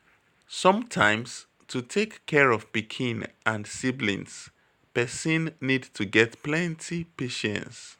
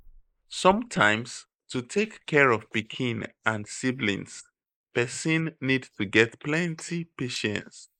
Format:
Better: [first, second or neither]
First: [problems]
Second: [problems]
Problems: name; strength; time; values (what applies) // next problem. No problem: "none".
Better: first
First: none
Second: noise reduction (neural mask model Resemble Enhance denoiser)